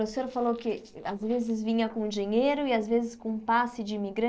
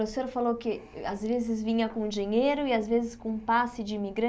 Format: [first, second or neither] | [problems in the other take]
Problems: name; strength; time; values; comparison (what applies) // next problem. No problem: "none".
second | noise reduction (neural separator model SepFormer DNS4)